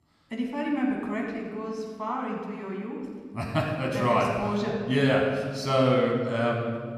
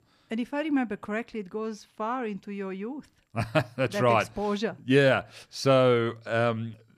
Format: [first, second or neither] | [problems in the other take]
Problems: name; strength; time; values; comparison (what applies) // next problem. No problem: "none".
second | room echo; noticeable; dies away in 1.6 s // off-mic speech; somewhat distant